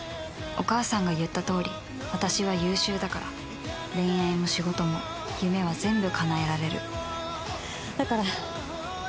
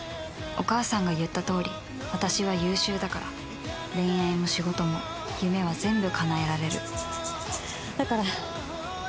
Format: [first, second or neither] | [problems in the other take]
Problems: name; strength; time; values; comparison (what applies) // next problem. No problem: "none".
first | background sound (Rattle (instrument)); 11 dB below the speech